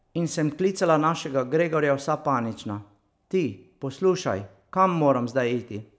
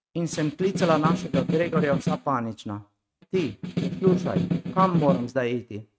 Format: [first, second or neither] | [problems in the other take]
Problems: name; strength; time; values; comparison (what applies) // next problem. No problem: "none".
first | noise reduction (neural mask model RNNoise)